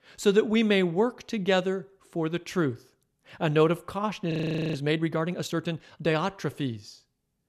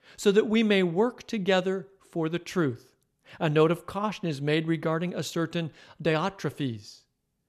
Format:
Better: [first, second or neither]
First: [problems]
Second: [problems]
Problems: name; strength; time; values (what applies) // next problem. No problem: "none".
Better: second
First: audio freezing; at 4.5 s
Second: none